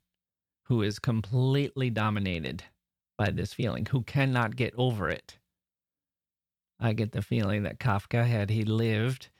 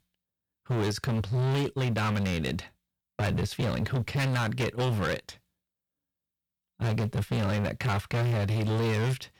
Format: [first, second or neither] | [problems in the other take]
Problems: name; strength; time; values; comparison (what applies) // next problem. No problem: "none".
first | distortion; heavy; 24% of the sound clipped